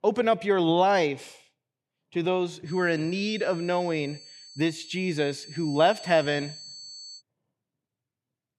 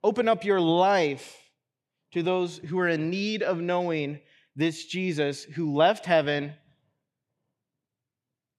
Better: second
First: high-pitched whine; noticeable; from 2.5 to 7 s; 4.5 kHz, 15 dB below the speech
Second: none

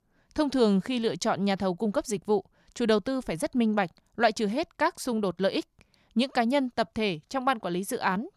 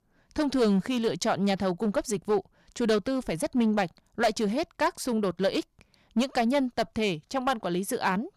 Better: first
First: none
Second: distortion; slight; 5% of the sound clipped

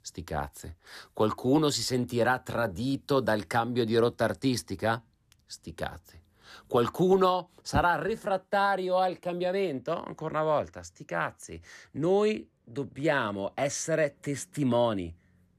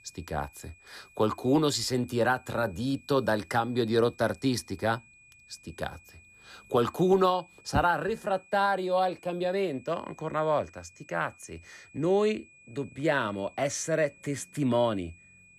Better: first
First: none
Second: high-pitched whine; faint; throughout; 2.5 kHz, 25 dB below the speech

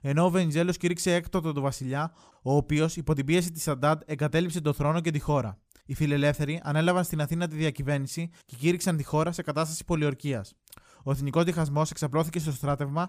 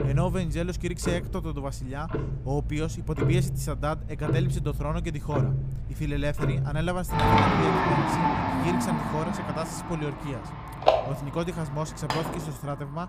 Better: first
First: none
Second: household noises; very loud; throughout; 4 dB above the speech

